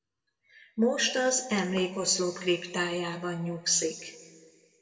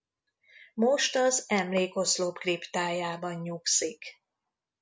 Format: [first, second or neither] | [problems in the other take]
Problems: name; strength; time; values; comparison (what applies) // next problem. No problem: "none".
second | room echo; dies away in 1.5 s